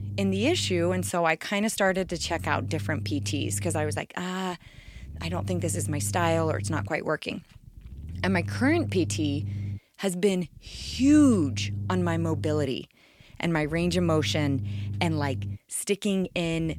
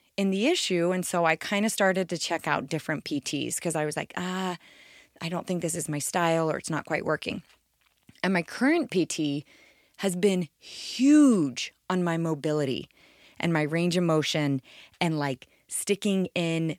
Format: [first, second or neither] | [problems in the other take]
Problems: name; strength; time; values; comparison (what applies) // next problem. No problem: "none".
second | low rumble; noticeable; throughout; 20 dB below the speech